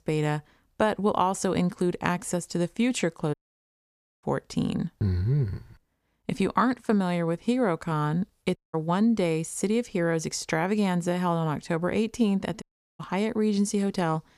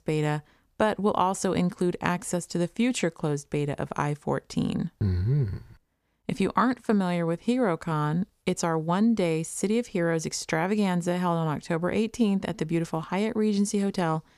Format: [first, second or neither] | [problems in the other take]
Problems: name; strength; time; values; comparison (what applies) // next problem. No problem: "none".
second | audio cutting out; at 3.5 s for 1 s, at 8.5 s and at 13 s